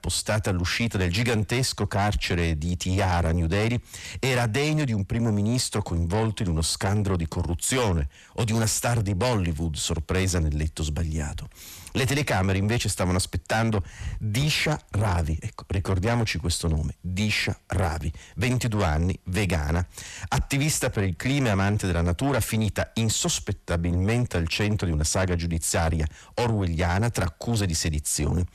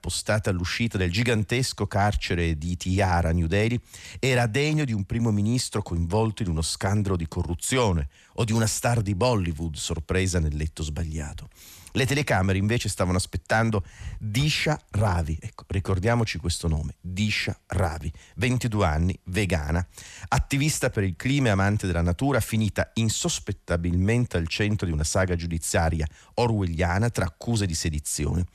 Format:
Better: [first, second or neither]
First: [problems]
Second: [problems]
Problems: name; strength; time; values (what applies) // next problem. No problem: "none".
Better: second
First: distortion; slight; 10 dB below the speech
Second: none